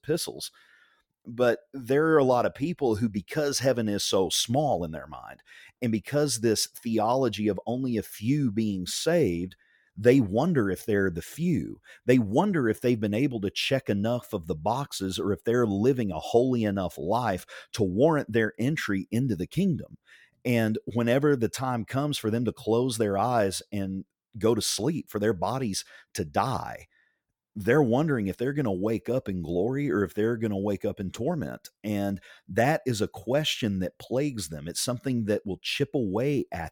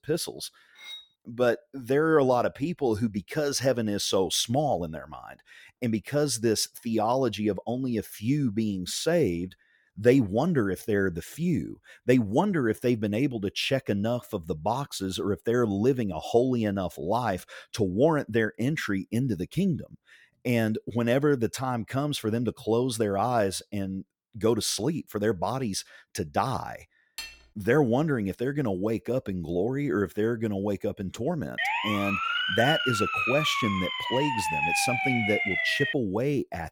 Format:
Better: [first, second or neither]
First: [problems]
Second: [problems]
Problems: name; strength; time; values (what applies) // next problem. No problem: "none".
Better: first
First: none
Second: clattering dishes; faint; at 1 s and at 27 s; peak 10 dB below the speech // siren; loud; from 32 to 36 s; peak 2 dB above the speech